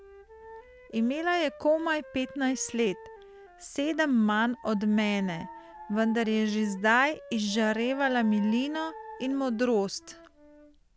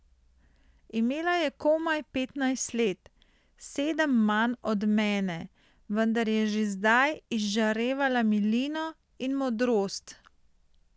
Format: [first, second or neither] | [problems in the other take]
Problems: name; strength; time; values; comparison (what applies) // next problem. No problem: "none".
second | background sound (Dog + Wind instrument, woodwind instrument); 19 dB below the speech